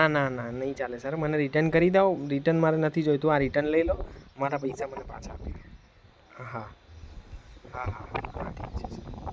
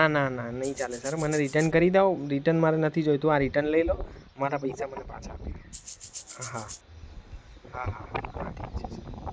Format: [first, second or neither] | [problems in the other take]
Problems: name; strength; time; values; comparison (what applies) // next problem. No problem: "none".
first | background sound (Rattle (instrument)); 15 dB below the speech